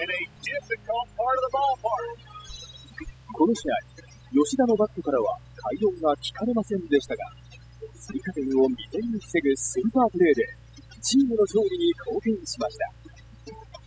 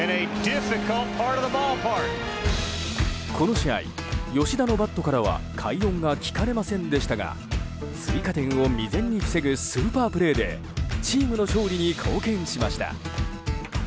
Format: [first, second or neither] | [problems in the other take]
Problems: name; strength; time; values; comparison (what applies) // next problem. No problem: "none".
second | noise reduction (classical method spectral subtraction)